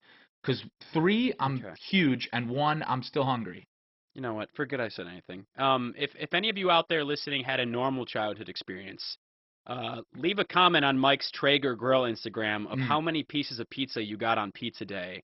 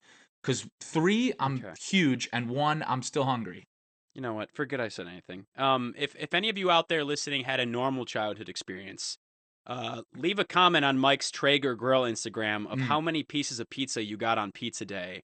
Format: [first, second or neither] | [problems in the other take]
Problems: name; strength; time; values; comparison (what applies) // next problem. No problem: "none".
second | garbled, watery; badly; nothing above 5.5 kHz; slightly in the second